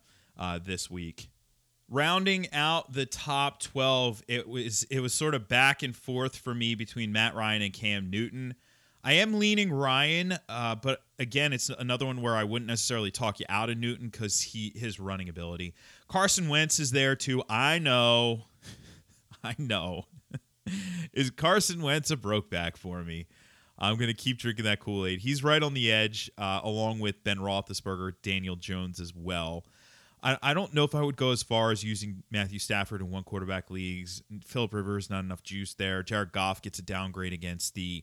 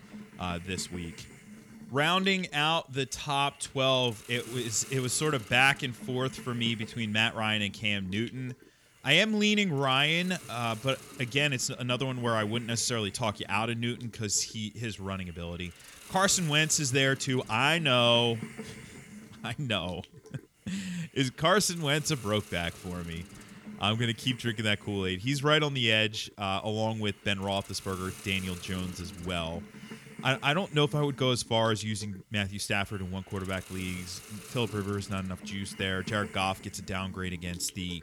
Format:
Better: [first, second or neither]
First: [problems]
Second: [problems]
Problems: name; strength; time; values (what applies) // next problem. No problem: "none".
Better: first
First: none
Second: hiss; noticeable; throughout; 20 dB below the speech